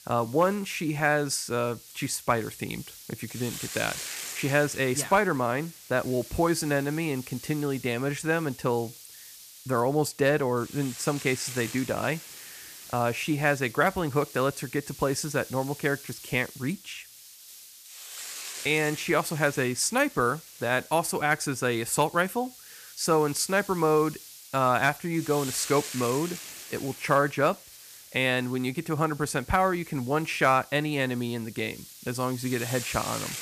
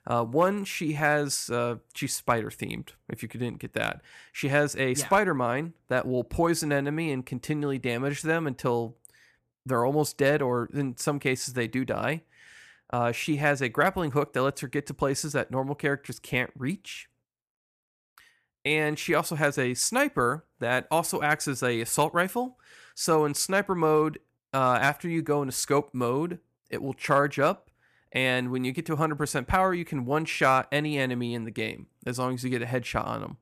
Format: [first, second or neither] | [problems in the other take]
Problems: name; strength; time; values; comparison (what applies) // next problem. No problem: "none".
second | hiss; noticeable; throughout; 15 dB below the speech